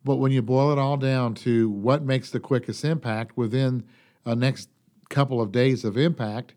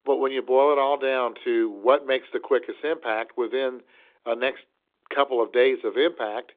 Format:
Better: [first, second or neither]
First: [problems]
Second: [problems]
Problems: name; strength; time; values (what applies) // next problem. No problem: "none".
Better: first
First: none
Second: phone-call audio; nothing above 3.5 kHz